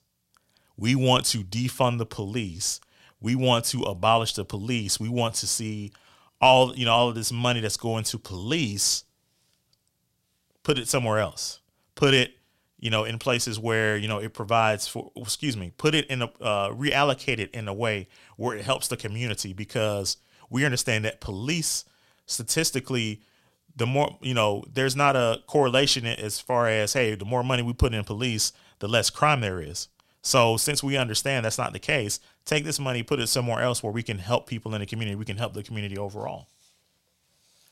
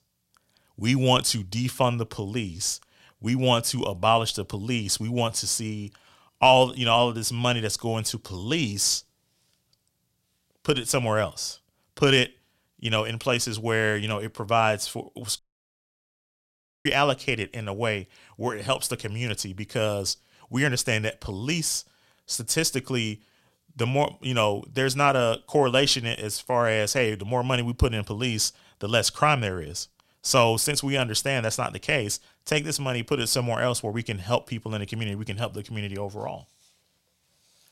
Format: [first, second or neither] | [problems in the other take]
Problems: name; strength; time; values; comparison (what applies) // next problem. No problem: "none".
first | audio cutting out; at 15 s for 1.5 s